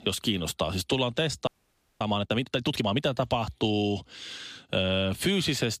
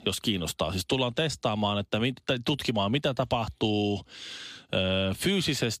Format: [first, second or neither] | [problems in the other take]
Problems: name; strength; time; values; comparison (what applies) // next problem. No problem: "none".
second | audio freezing; at 1.5 s for 0.5 s